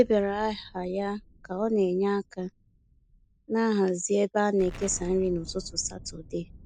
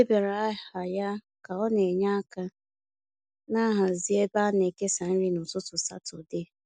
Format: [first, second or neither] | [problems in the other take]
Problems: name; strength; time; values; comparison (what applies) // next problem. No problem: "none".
second | background sound (Explosion); 19 dB below the speech